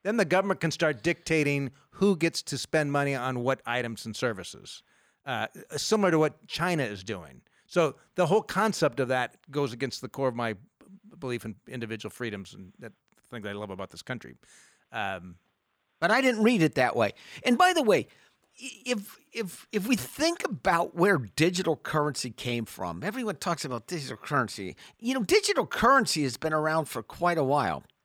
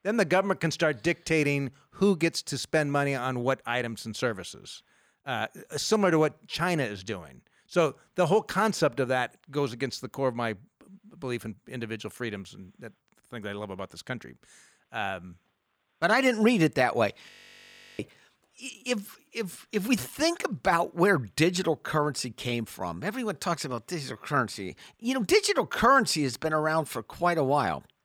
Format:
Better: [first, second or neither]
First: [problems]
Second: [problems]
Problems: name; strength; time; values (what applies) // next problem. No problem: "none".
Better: first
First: none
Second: audio freezing; at 17 s for 0.5 s